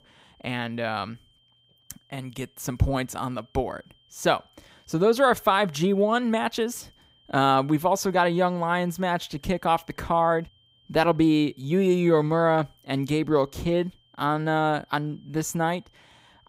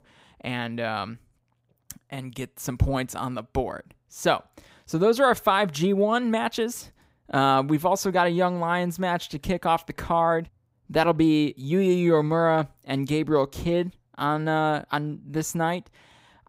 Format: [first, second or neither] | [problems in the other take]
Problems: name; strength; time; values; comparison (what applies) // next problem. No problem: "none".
second | high-pitched whine; faint; throughout; 3 kHz, 35 dB below the speech